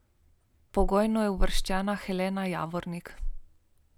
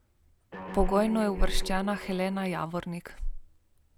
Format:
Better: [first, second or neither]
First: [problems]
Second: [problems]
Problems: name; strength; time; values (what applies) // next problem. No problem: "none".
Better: first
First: none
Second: background sound (Guitar); 12 dB below the speech